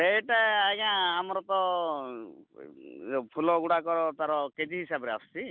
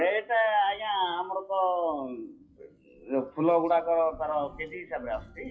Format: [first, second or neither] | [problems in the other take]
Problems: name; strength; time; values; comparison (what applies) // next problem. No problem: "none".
first | noise reduction (classical method WPE with log-MMSE)